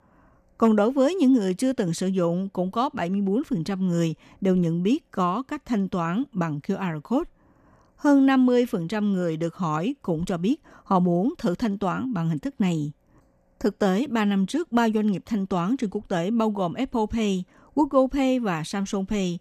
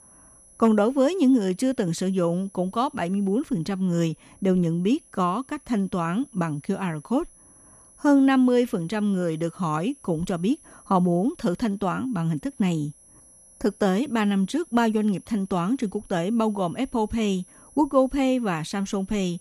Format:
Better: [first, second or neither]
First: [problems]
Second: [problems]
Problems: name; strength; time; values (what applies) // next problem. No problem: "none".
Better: first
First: none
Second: high-pitched whine; faint; throughout; 10.5 kHz, 25 dB below the speech